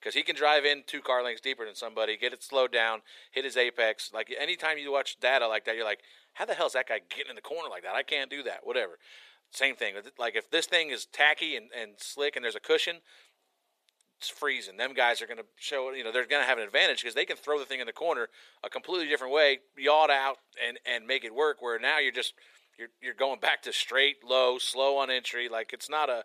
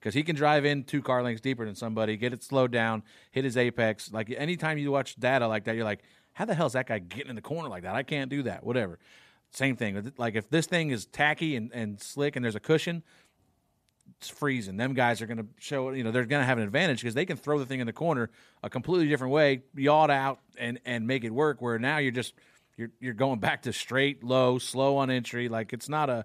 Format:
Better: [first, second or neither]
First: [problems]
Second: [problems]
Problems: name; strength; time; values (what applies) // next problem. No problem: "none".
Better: second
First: thin; very; fading below 450 Hz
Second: none